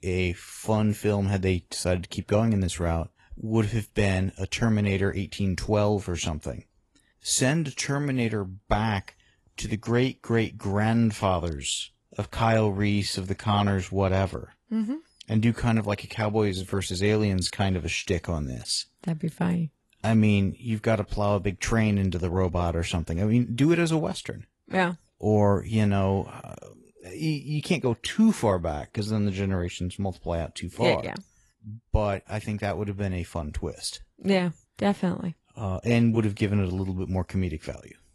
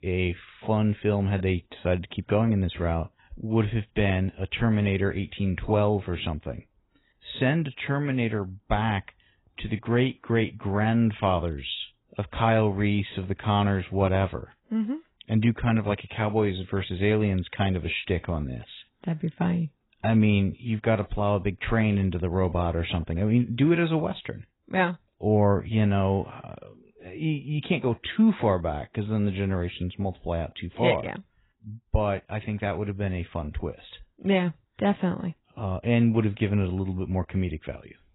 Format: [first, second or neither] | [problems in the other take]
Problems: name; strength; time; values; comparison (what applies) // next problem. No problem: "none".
first | garbled, watery; badly; nothing above 4 kHz; slightly in the first